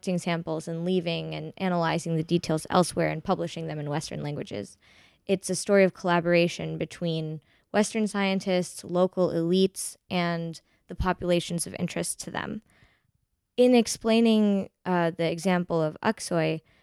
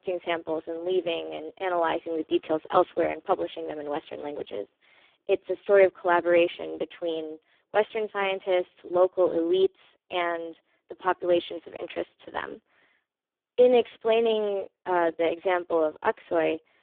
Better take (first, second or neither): first